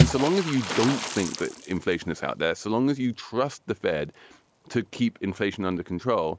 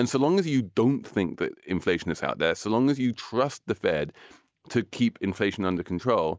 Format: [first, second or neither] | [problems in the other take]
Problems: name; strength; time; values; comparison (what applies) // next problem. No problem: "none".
second | background sound (Water / Splash, splatter); 5 dB below the speech